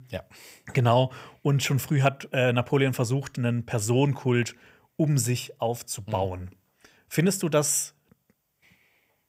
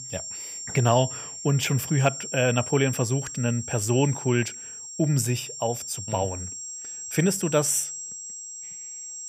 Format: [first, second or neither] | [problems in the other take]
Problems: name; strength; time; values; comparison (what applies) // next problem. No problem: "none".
first | high-pitched whine; loud; throughout; 7.5 kHz, 8 dB below the speech